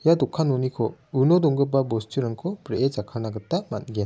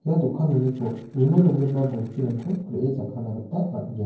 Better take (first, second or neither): first